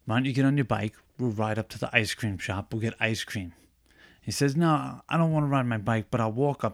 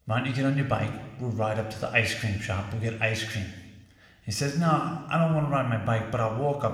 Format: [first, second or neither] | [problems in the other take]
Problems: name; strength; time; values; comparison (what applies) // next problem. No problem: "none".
first | room echo; slight; dies away in 1.1 s